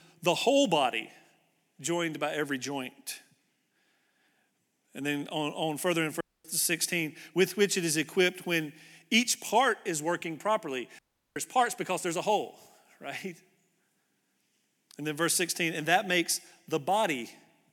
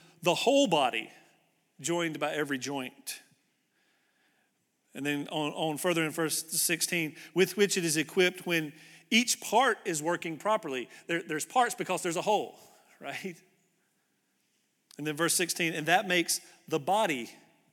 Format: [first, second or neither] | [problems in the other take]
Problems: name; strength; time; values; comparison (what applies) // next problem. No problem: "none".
second | audio cutting out; at 6 s and at 11 s